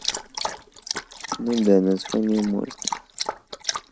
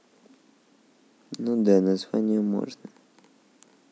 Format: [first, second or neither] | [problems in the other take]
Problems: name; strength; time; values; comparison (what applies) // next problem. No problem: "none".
second | noise reduction (neural mask model RNNoise)